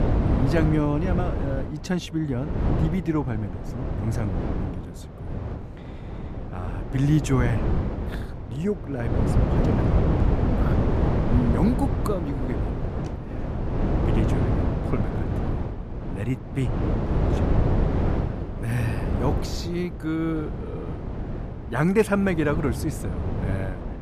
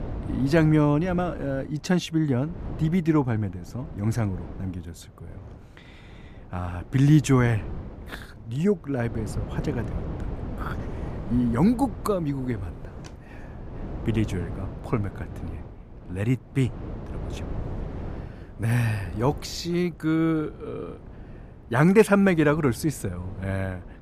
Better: second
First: wind noise on the microphone; heavy; 2 dB below the speech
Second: wind noise on the microphone; occasional gusts; 15 dB below the speech

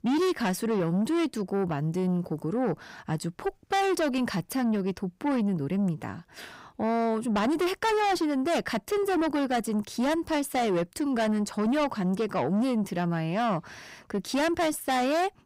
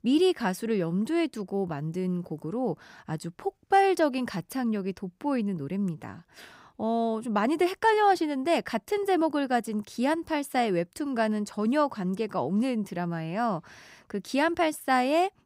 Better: second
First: distortion; heavy; 7 dB below the speech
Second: none

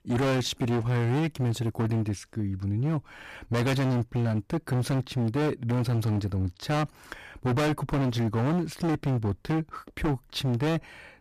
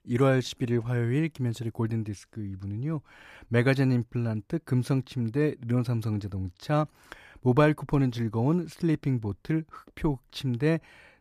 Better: second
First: distortion; heavy; 25% of the sound clipped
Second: none

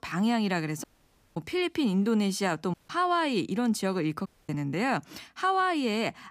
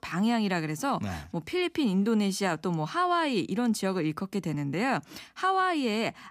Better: second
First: audio cutting out; at 1 s for 0.5 s, at 2.5 s and at 4.5 s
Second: none

